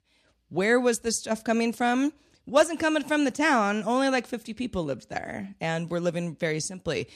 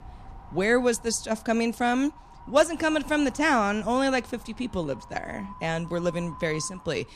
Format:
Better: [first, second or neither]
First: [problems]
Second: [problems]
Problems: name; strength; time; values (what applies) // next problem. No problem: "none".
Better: first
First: none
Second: wind noise on the microphone; occasional gusts; 20 dB below the speech